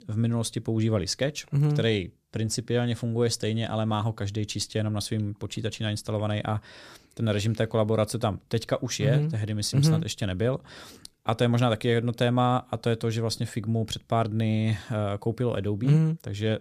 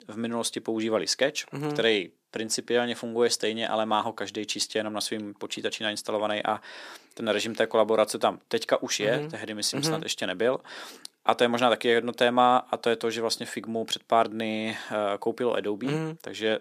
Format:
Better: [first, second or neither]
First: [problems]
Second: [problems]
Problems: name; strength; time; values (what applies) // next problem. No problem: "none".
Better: first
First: none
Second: thin; somewhat; fading below 300 Hz